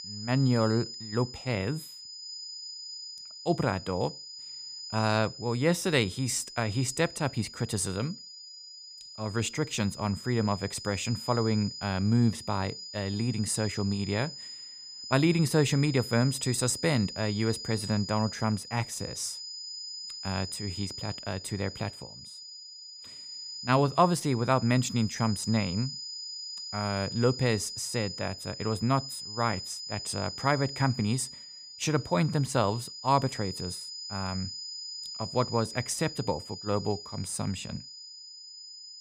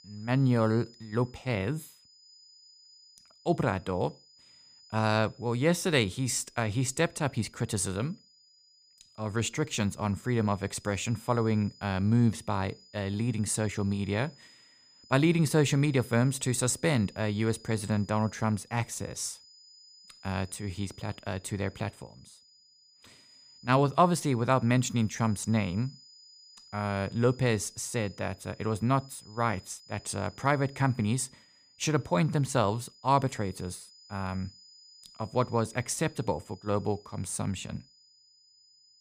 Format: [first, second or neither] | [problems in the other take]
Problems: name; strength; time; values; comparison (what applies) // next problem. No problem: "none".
second | high-pitched whine; loud; throughout; 5 kHz, 10 dB below the speech; faint in the second